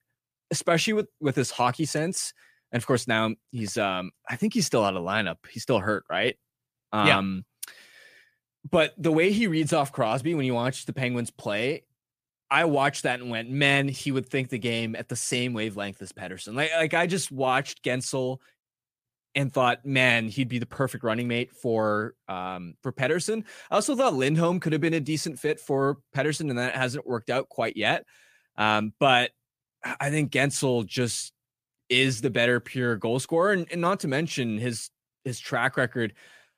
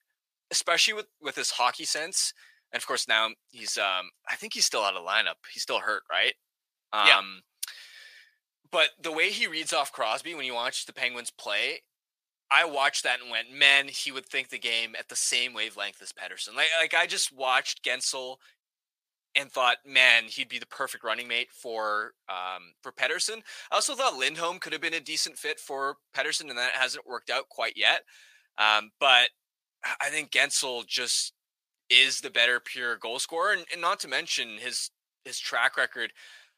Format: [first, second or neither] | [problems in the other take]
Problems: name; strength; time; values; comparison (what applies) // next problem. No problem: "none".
first | thin; very; fading below 850 Hz